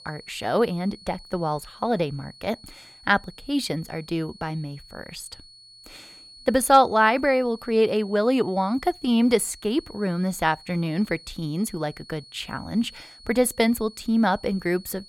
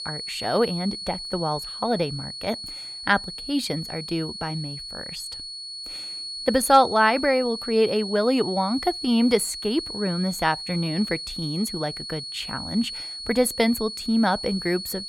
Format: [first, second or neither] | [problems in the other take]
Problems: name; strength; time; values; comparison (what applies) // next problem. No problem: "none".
first | high-pitched whine; loud; throughout; 4.5 kHz, 8 dB below the speech; faint in the first